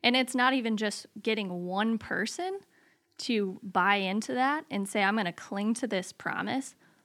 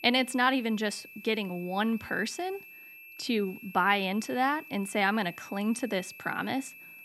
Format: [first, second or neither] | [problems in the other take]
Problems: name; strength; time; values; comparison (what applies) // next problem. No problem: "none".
first | high-pitched whine; noticeable; throughout; 2.5 kHz, 15 dB below the speech